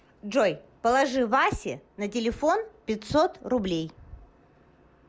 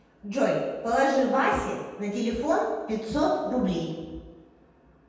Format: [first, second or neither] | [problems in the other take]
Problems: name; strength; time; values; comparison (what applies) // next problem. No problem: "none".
first | room echo; dies away in 1.1 s